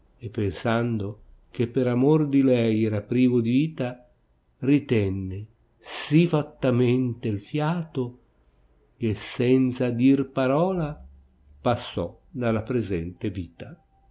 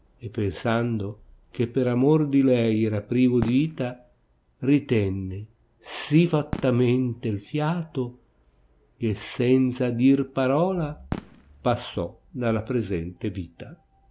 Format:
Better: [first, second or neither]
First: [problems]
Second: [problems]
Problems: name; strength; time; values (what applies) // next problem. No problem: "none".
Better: first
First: none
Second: background sound (Fireworks); 17 dB below the speech